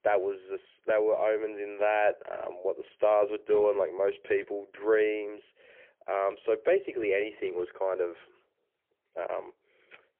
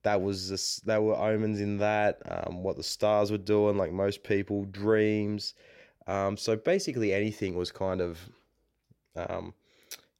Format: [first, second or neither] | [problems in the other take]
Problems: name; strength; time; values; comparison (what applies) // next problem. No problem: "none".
second | phone-call audio; poor line